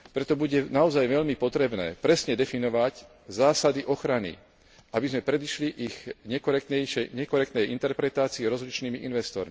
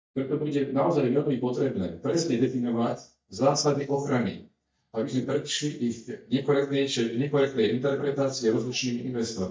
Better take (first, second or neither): first